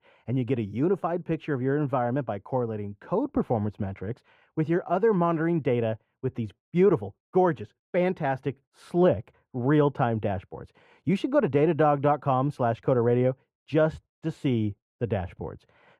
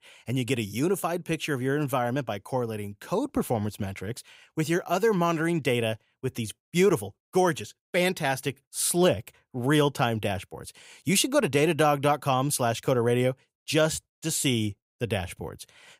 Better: second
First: muffled; very; fading above 3.5 kHz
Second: none

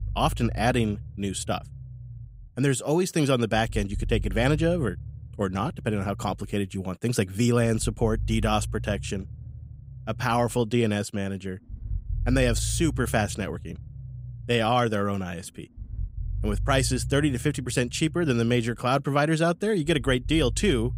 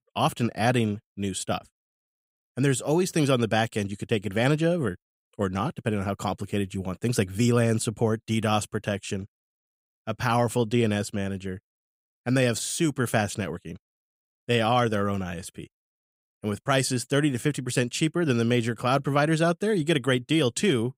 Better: second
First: low rumble; faint; throughout; 25 dB below the speech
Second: none

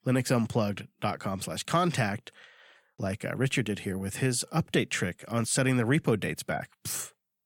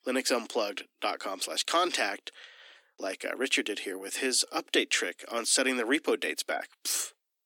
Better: first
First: none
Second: thin; somewhat; fading below 250 Hz

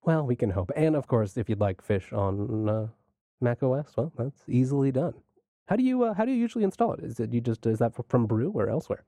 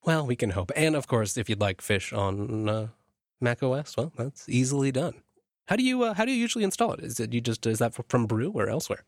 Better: second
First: muffled; very; fading above 2 kHz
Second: none

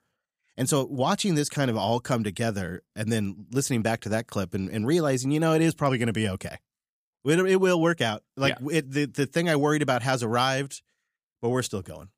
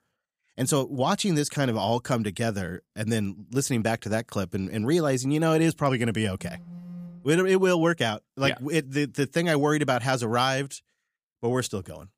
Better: first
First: none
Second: phone ringing; faint; at 6.5 s; peak 15 dB below the speech

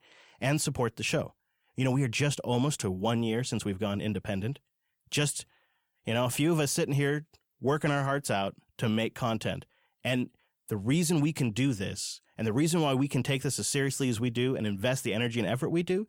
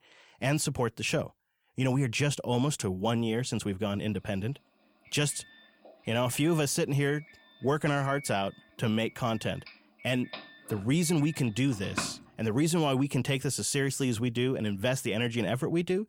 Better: first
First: none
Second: doorbell; noticeable; from 8 to 12 s; peak 7 dB below the speech

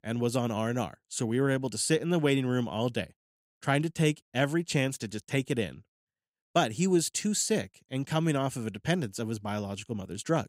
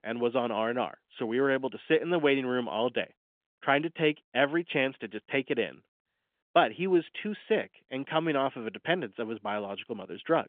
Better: first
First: none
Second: phone-call audio; nothing above 3.5 kHz

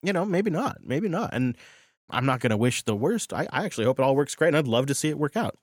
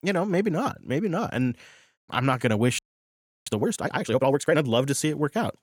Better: first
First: none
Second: audio freezing; at 3 s for 0.5 s

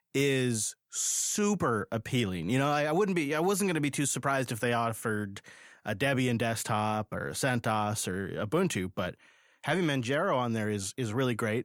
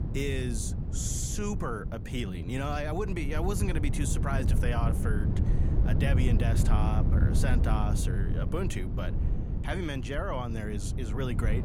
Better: first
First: none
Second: wind noise on the microphone; heavy; 6 dB below the speech

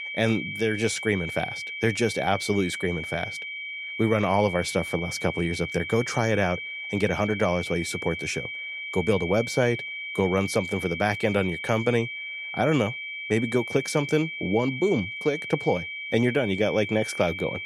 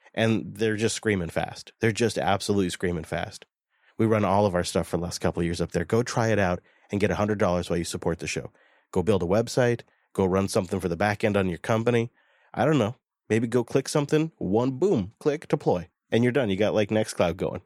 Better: second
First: high-pitched whine; loud; throughout; 2.5 kHz, 6 dB below the speech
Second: none

